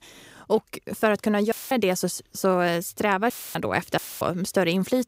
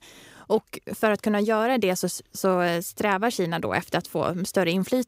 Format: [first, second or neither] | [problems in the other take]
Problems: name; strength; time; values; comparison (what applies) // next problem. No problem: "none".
second | audio cutting out; filled with static; at 1.5 s, at 3.5 s and at 4 s